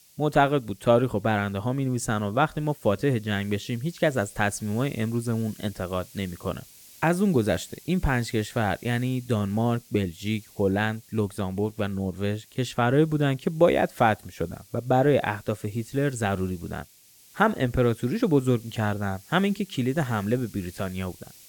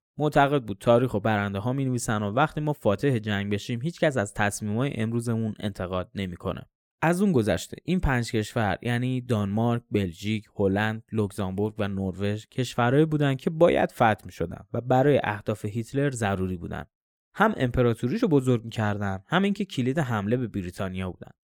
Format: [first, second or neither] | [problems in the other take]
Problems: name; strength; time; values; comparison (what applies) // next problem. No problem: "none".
second | hiss; faint; throughout; 25 dB below the speech